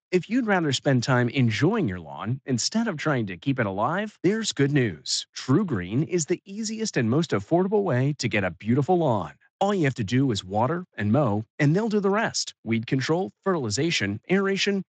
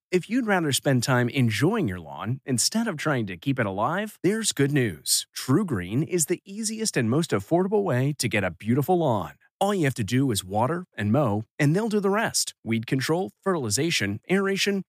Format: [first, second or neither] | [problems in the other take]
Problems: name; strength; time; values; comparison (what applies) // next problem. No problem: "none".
second | garbled, watery; slightly; nothing above 7.5 kHz